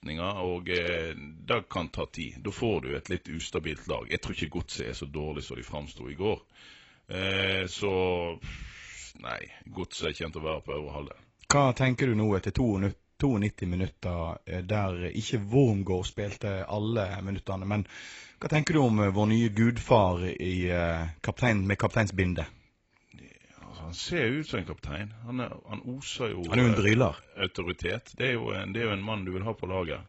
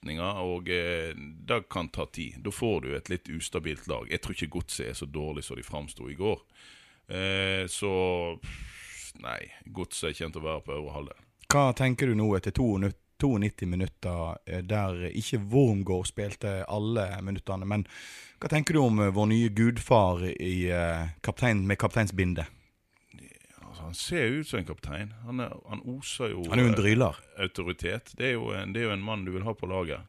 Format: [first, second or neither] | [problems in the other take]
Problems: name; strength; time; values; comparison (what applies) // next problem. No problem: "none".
second | garbled, watery; badly; nothing above 8 kHz